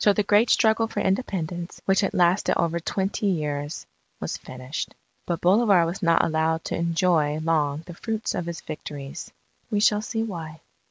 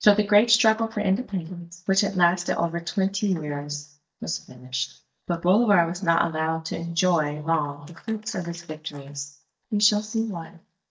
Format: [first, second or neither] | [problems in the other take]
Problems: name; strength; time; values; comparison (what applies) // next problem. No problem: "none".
first | noise reduction (neural mask model DeepFilterNet 3)